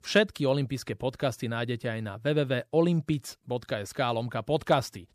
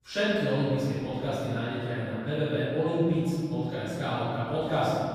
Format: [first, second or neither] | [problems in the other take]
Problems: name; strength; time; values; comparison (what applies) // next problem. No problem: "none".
first | room echo; strong; dies away in 2.6 s // off-mic speech; far